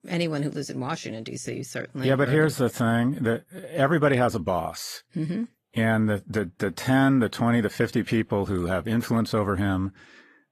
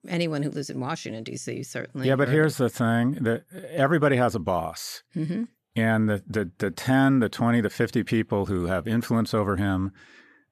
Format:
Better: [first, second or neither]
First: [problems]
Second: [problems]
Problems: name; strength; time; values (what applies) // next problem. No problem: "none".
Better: second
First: garbled, watery; slightly; nothing above 14.5 kHz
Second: none